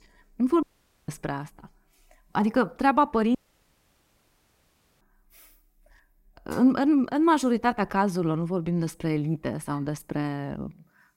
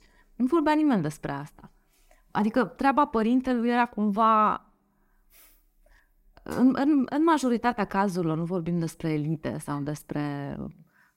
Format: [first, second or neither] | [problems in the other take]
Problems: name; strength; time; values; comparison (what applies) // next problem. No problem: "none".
second | audio cutting out; at 0.5 s and at 3.5 s for 1.5 s